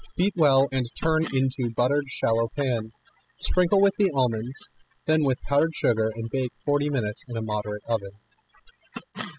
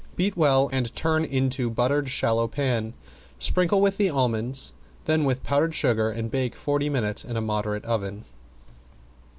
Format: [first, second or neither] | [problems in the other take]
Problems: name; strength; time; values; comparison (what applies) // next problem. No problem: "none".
second | noise reduction (classical method spectral subtraction)